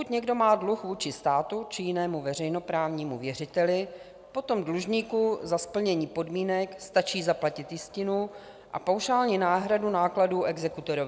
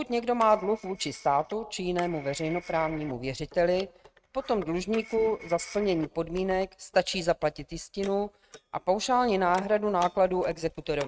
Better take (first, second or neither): first